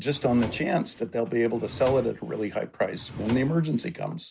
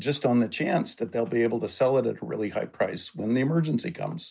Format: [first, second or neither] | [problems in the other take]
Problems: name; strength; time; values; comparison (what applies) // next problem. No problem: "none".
second | background sound (Drawer open or close); 14 dB below the speech